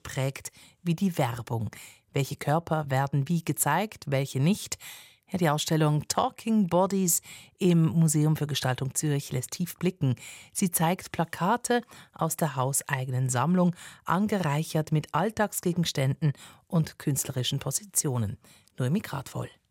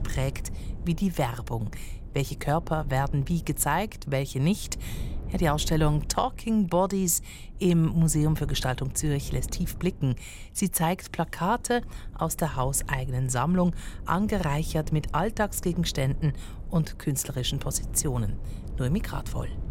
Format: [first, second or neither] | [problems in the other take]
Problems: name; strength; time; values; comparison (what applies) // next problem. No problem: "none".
first | low rumble; faint; throughout; 20 dB below the speech